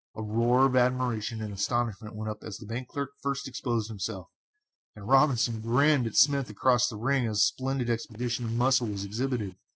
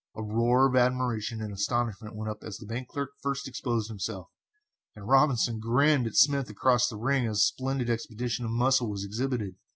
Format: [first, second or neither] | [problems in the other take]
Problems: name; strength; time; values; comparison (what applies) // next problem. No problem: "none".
second | noise reduction (neural separator model SepFormer DNS4)